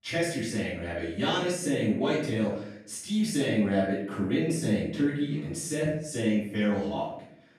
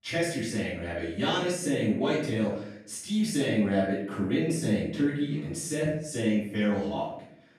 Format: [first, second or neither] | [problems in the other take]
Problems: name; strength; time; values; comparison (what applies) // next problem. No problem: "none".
neither | room echo; noticeable; dies away in 0.6 s; the same in both // off-mic speech; far; the same in both